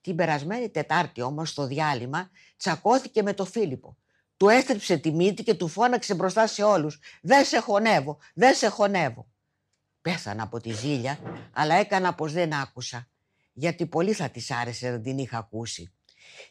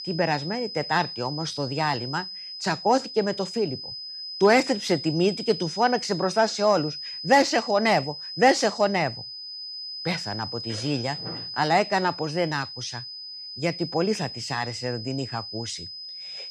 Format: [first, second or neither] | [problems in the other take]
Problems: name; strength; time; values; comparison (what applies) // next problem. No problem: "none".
first | high-pitched whine; loud; throughout; 5 kHz, 9 dB below the speech